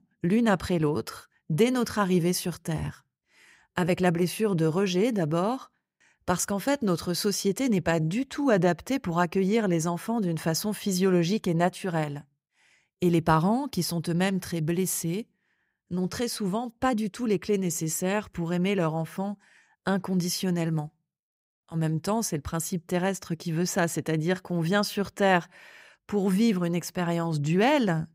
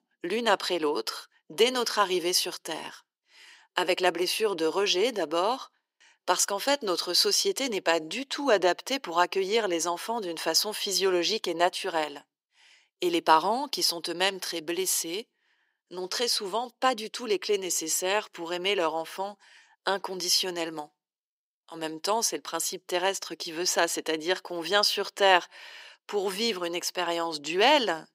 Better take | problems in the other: first | thin; very; fading below 350 Hz

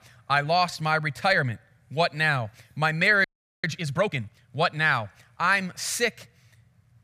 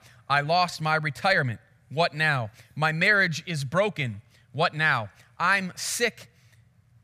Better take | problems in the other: second | audio freezing; at 3 s

